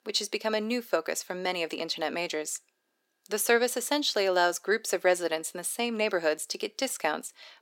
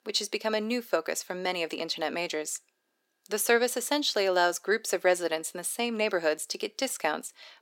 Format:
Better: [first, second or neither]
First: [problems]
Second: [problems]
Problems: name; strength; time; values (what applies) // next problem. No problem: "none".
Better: neither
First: thin; very; fading below 350 Hz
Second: thin; very; fading below 350 Hz